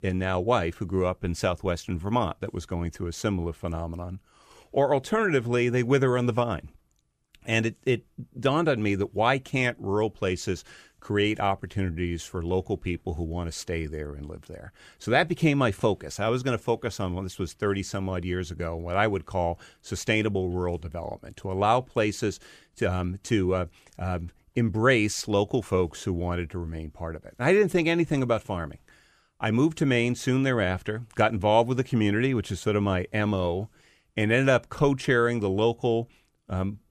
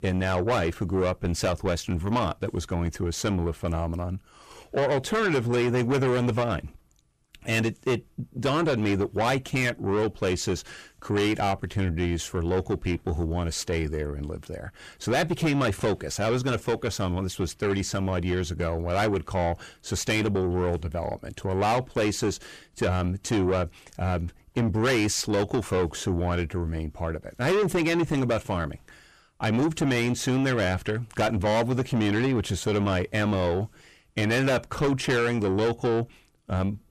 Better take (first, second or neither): first